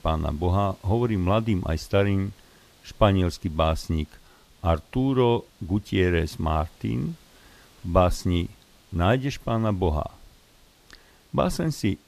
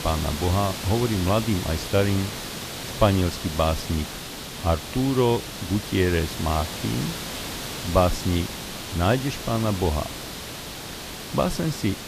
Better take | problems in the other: first | hiss; loud; throughout; 7 dB below the speech; faint in the first

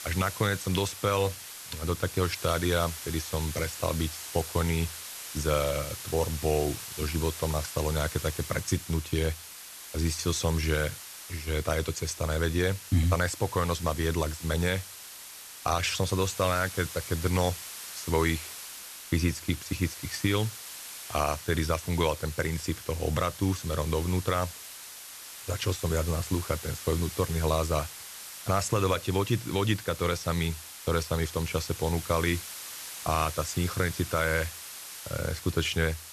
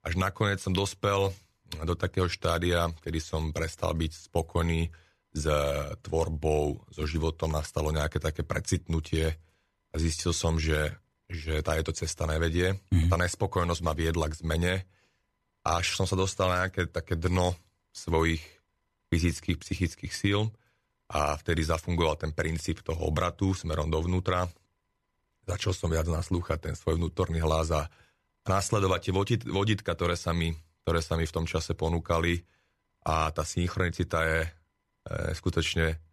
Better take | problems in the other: second | hiss; loud; throughout; 10 dB below the speech

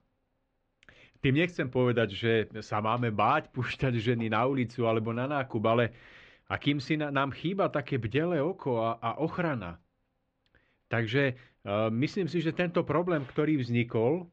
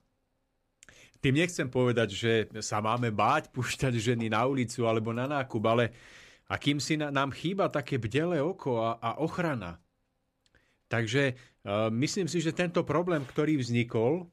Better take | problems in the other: second | muffled; slightly; fading above 3.5 kHz

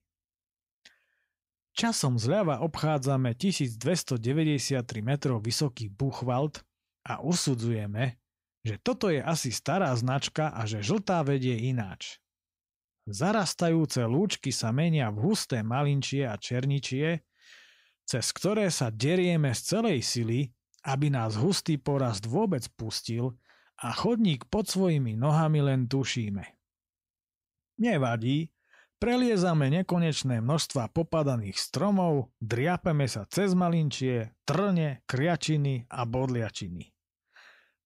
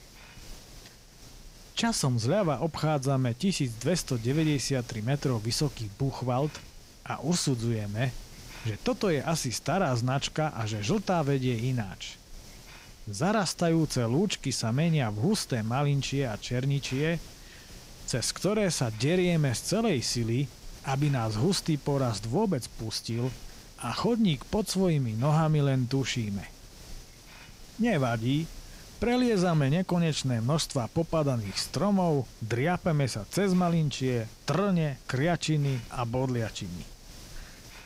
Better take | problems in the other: first | hiss; noticeable; throughout; 20 dB below the speech

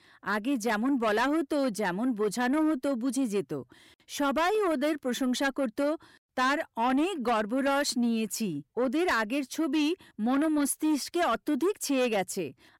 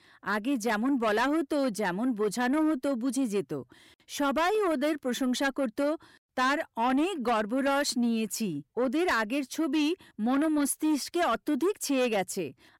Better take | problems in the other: neither | distortion; slight; 10 dB below the speech; the same in both

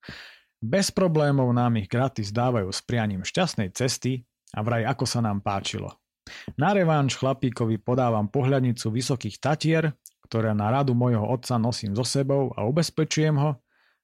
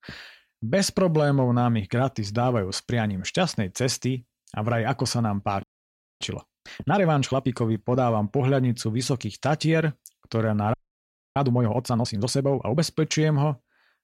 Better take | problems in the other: first | audio freezing; at 5.5 s for 0.5 s and at 11 s for 0.5 s

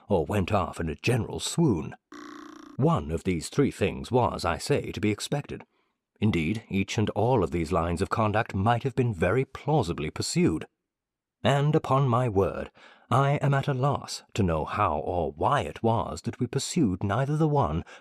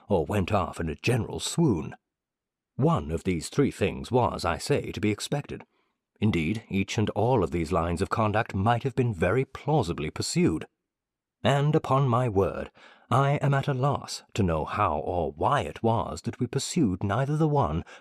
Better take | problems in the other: second | clattering dishes; faint; at 2 s; peak 15 dB below the speech

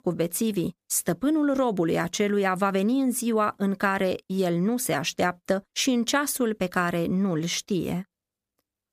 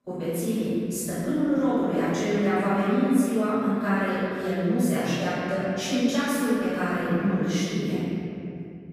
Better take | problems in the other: first | room echo; strong; dies away in 2.8 s // off-mic speech; far

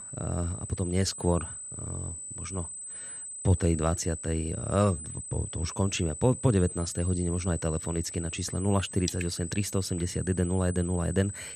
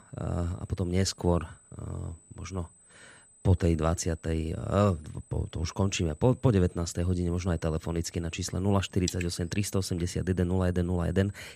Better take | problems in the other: second | high-pitched whine; loud; throughout; 8 kHz, 8 dB below the speech; faint in the second

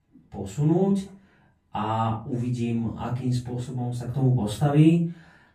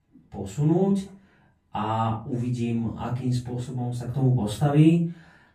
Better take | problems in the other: neither | off-mic speech; far; the same in both // room echo; slight; dies away in 0.3 s; the same in both

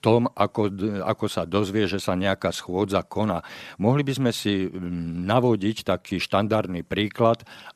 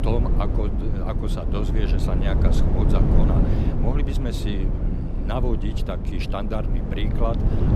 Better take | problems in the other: first | low rumble; loud; throughout; 2 dB below the speech

